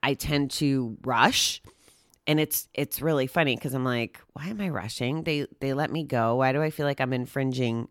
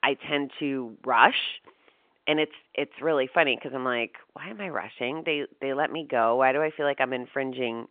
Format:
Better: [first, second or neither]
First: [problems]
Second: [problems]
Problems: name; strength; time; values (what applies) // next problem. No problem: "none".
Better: first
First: none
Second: phone-call audio; nothing above 3 kHz